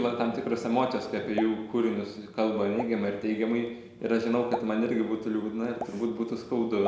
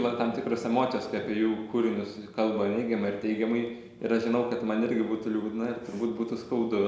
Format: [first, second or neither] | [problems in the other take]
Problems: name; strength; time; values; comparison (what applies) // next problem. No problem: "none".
second | background sound (Explosion); 14 dB below the speech